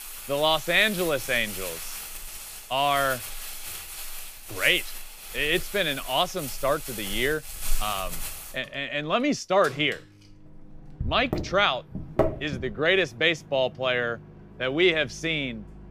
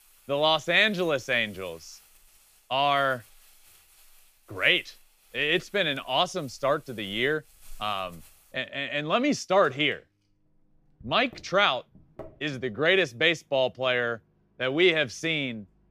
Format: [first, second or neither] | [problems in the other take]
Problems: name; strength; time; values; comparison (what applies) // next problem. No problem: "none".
second | household noises; loud; throughout; 10 dB below the speech; faint in the second